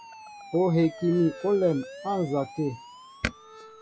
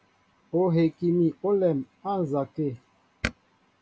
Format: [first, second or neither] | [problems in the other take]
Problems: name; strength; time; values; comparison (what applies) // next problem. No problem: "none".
second | background sound (Siren); 17 dB below the speech